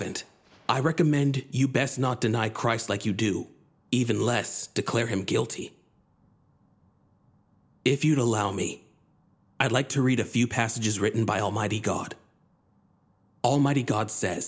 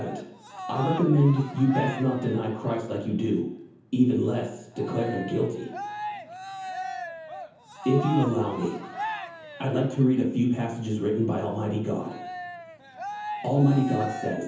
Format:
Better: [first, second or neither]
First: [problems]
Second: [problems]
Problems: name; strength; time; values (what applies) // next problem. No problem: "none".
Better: first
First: none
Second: background sound (Cheering); 11 dB below the speech // room echo; dies away in 0.7 s